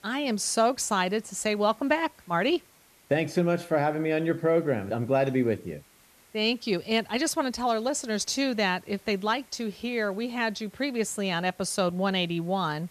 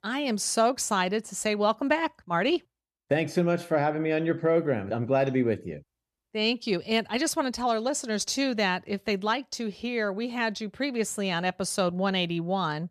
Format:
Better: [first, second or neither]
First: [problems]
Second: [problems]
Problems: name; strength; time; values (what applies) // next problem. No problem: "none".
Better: second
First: hiss; faint; throughout; 30 dB below the speech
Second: none